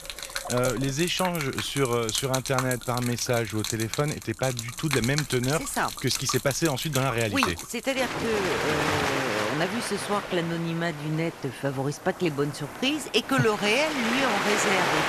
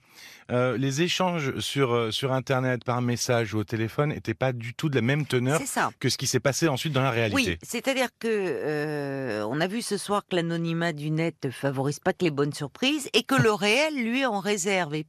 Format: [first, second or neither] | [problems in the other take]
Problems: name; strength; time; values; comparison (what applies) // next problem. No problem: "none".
second | rain or running water; loud; throughout; 4 dB below the speech